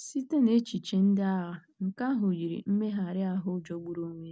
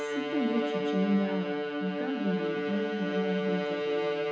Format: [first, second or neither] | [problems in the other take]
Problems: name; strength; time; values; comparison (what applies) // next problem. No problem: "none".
first | background sound (Bowed string instrument); 1 dB above the speech // room echo; dies away in 0.9 s